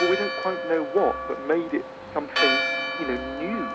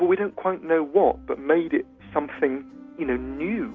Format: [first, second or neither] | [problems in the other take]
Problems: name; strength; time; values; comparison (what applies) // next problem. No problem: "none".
second | background sound (Church bell); 1 dB below the speech